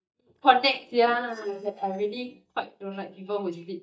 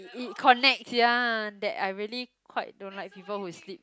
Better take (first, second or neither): second